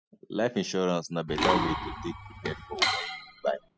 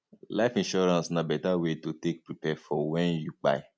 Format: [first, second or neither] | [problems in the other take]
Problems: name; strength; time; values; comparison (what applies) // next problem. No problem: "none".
second | noise reduction (classical method spectral subtraction)